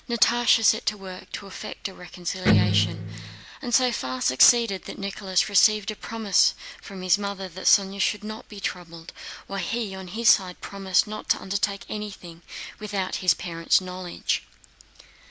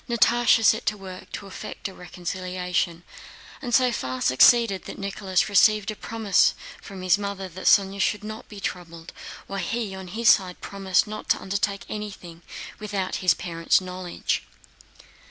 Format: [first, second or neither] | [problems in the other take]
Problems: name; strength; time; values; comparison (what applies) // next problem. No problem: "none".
second | background sound (Electric guitar); 4 dB above the speech